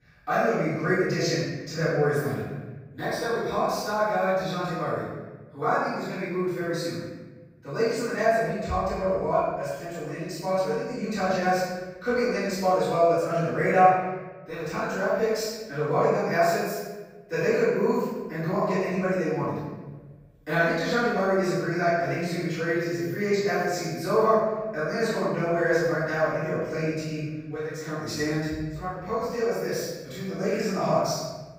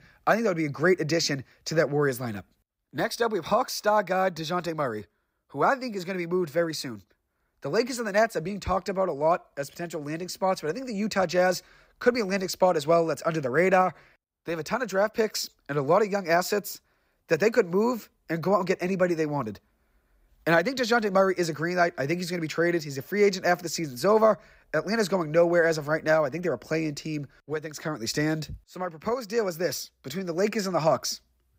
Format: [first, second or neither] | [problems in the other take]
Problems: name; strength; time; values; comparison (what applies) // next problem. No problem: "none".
second | room echo; strong; dies away in 1.2 s // off-mic speech; far